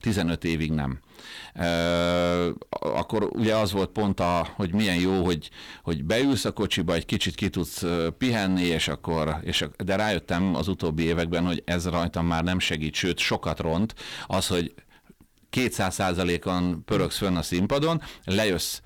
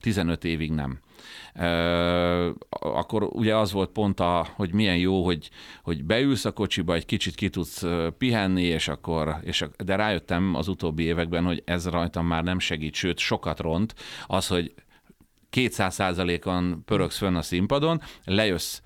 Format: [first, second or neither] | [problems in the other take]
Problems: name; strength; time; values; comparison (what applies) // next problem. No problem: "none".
second | distortion; slight; 9% of the sound clipped